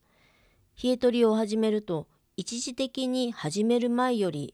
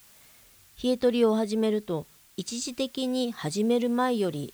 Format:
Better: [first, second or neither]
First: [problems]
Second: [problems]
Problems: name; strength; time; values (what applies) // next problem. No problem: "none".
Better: first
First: none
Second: hiss; faint; throughout; 25 dB below the speech